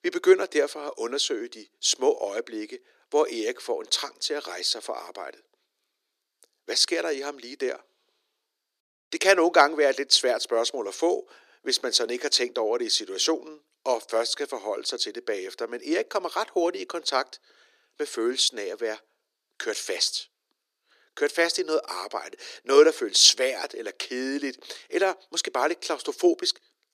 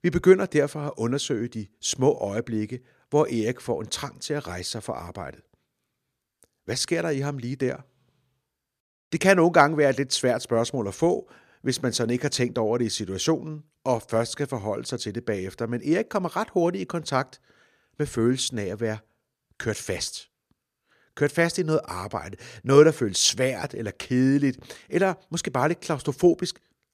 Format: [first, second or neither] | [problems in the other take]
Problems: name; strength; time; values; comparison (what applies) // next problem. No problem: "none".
second | thin; somewhat; fading below 300 Hz